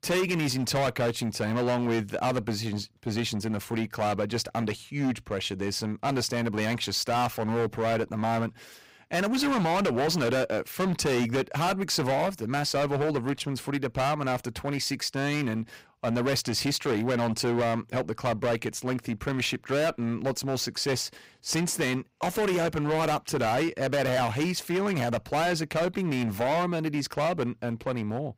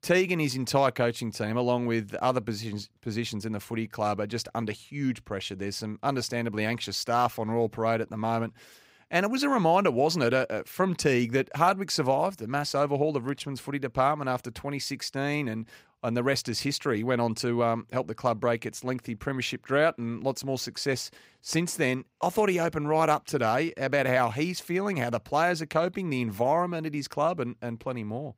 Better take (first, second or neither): second